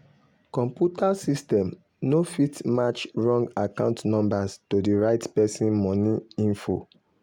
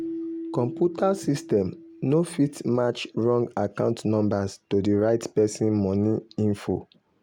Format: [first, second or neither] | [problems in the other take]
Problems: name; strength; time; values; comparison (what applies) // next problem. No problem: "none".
first | background sound (Keyboard (musical)); 16 dB below the speech